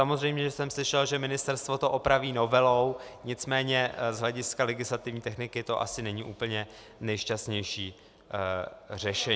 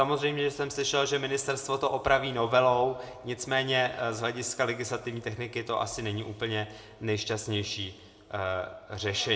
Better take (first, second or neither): first